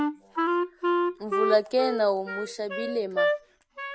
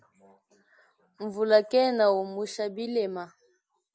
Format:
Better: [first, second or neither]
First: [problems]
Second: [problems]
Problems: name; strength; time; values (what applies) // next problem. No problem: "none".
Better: second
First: background sound (Wind instrument, woodwind instrument); 1 dB above the speech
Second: none